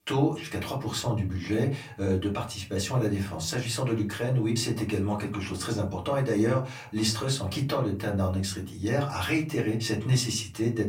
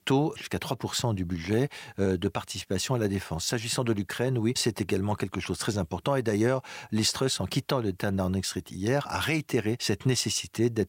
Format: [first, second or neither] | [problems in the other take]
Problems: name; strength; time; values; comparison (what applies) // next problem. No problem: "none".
second | off-mic speech; far // room echo; very slight; dies away in 0.3 s